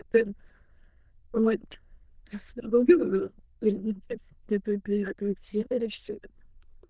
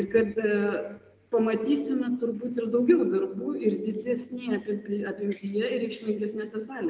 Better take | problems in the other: second | noise reduction (neural diffusion model UNIVERSE++)

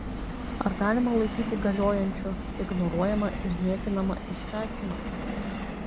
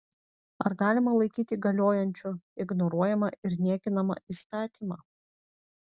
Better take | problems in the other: second | background sound (Subway, metro, underground); 4 dB below the speech

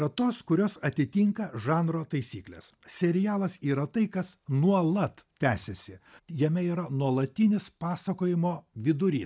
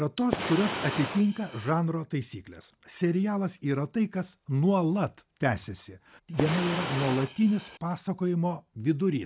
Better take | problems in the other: first | background sound (Fire); 6 dB below the speech

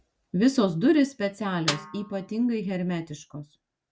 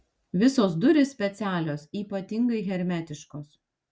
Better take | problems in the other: second | background sound (Snare drum); 10 dB below the speech

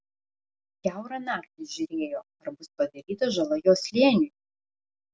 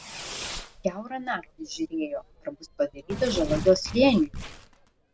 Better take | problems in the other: first | background sound (Fireworks + Tearing); 11 dB below the speech

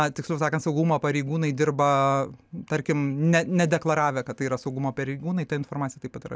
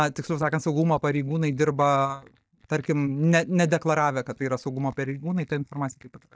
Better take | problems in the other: first | noise reduction (neural mask model DeepFilterNet 3)

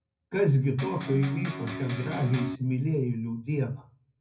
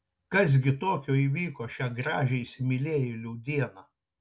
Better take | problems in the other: second | background sound (Electric guitar); 8 dB below the speech // room echo; dies away in 0.4 s

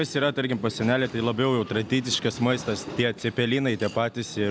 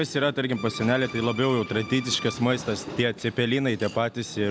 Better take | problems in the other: first | background sound (Bowed string instrument); 16 dB below the speech

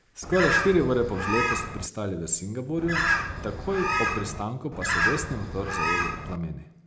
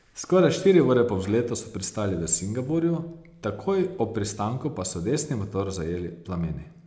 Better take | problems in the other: second | background sound (Bird); 1 dB above the speech

